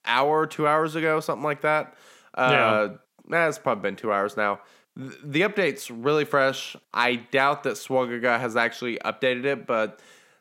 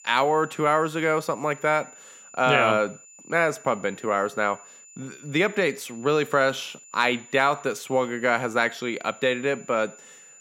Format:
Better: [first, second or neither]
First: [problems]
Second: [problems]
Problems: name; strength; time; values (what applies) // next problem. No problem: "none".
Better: first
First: none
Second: high-pitched whine; faint; throughout; 7 kHz, 20 dB below the speech